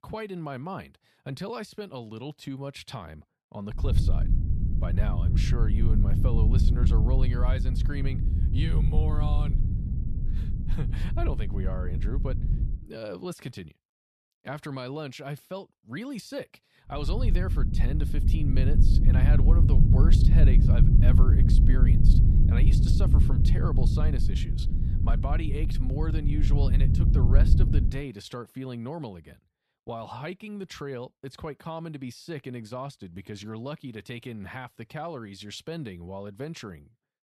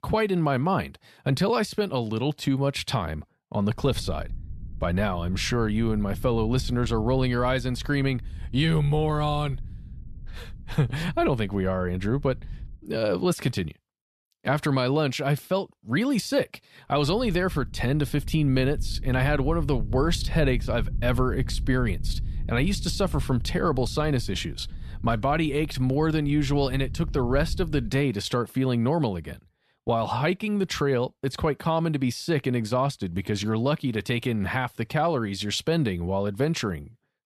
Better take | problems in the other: second | low rumble; loud; from 4 to 13 s and from 17 to 28 s; 1 dB below the speech; faint in the second

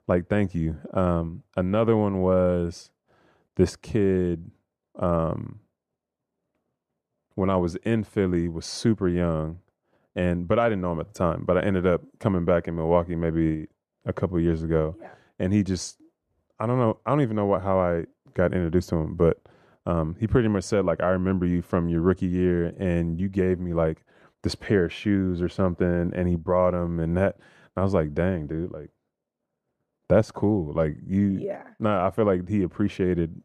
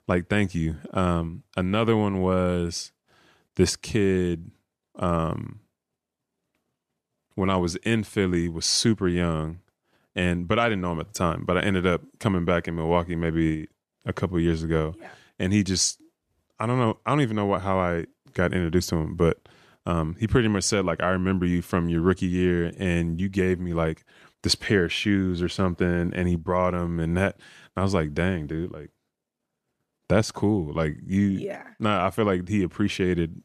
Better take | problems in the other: second | muffled; slightly; fading above 2 kHz

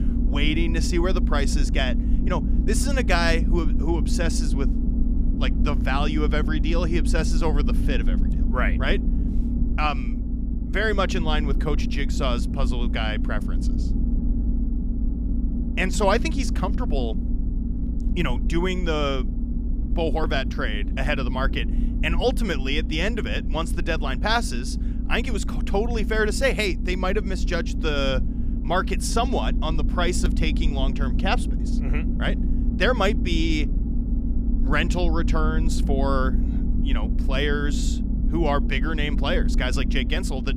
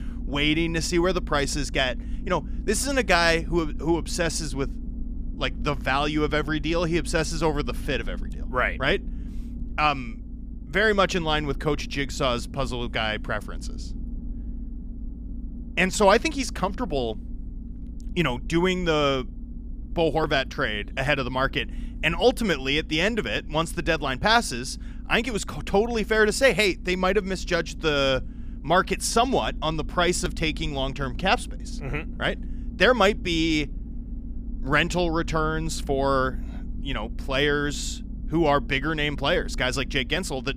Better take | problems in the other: second | low rumble; loud; throughout; 10 dB below the speech; faint in the second

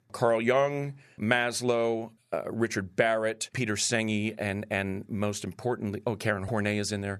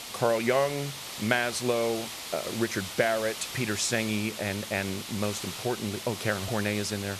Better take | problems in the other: first | hiss; loud; throughout; 7 dB below the speech

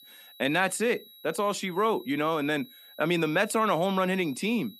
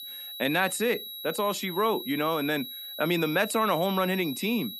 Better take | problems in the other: first | high-pitched whine; loud; throughout; 4 kHz, 9 dB below the speech; faint in the first

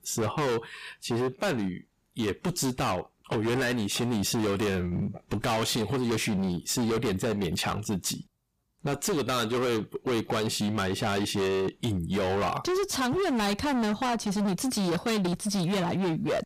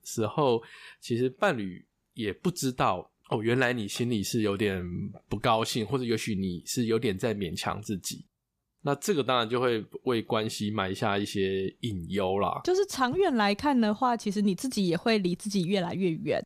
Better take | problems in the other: second | distortion; heavy; 30% of the sound clipped

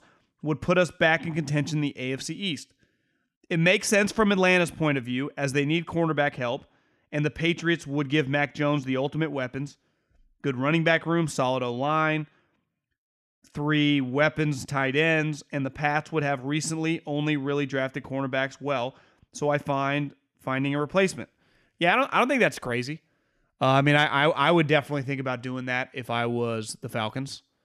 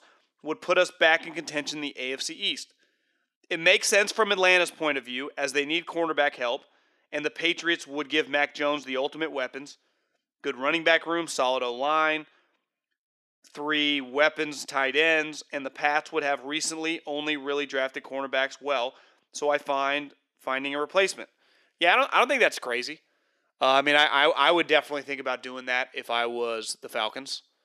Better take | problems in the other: first | thin; somewhat; fading below 400 Hz

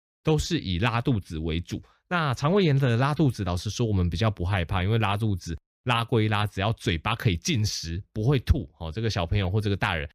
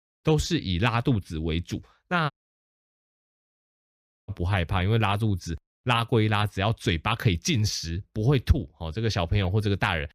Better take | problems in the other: first | audio cutting out; at 2.5 s for 2 s

